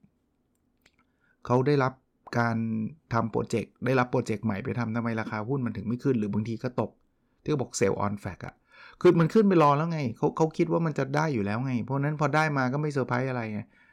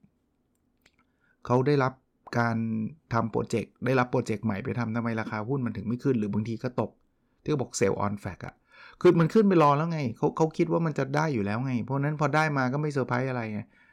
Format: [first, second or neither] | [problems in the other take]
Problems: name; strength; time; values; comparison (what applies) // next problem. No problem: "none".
neither | none